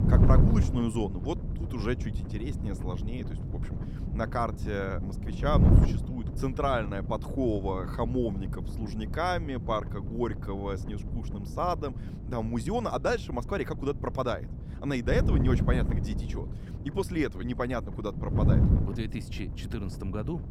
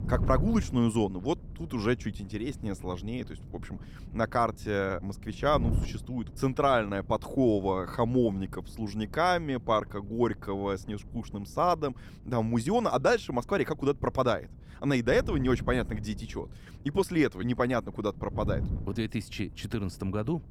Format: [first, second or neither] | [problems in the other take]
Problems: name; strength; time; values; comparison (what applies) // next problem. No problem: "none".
second | wind noise on the microphone; heavy; 9 dB below the speech; occasional gusts in the second